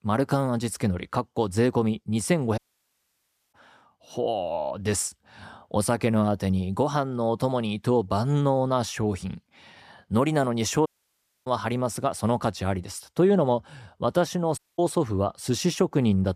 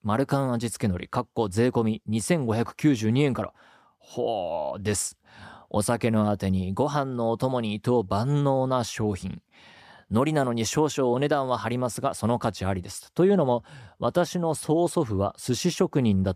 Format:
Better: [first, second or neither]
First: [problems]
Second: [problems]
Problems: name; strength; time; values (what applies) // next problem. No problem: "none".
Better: second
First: audio cutting out; at 2.5 s for 1 s, at 11 s for 0.5 s and at 15 s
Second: none